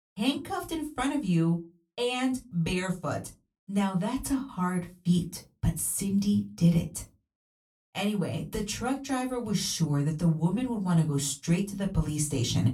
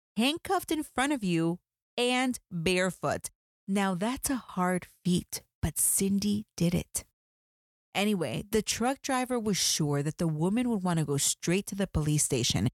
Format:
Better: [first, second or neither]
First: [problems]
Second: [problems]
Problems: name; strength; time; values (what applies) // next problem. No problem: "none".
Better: second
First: off-mic speech; somewhat distant // room echo; very slight; dies away in 0.2 s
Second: none